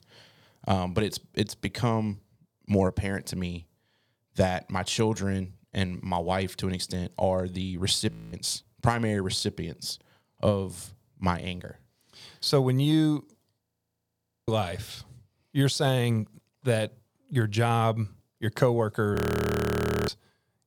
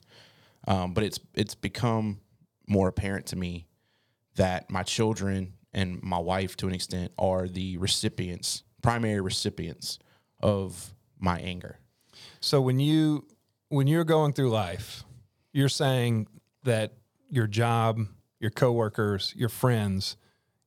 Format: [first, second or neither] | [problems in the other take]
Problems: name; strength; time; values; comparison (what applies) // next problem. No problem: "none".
second | audio freezing; at 8 s, at 14 s for 1 s and at 19 s for 1 s